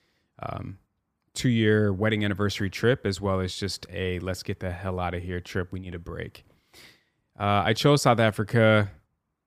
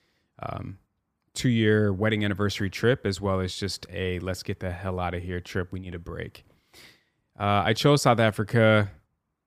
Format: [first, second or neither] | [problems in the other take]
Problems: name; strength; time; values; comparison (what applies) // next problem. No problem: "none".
neither | none